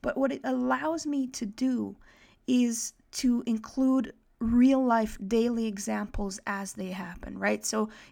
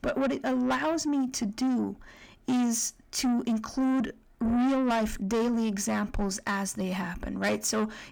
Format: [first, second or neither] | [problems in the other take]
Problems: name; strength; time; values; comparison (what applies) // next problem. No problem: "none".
first | distortion; heavy; 7 dB below the speech